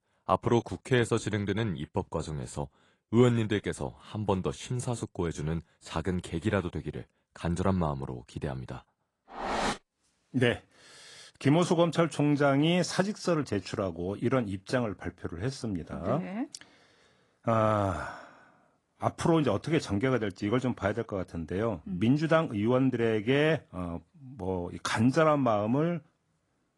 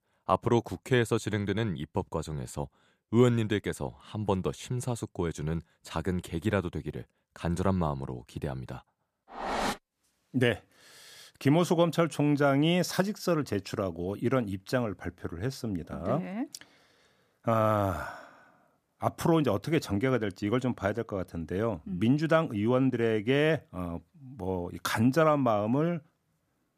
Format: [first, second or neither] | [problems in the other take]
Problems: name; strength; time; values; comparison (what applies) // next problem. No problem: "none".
second | garbled, watery; slightly; nothing above 10.5 kHz